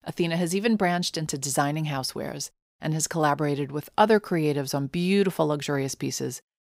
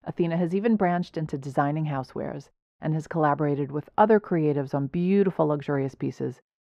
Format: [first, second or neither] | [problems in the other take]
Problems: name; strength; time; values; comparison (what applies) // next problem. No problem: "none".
first | muffled; very; fading above 3.5 kHz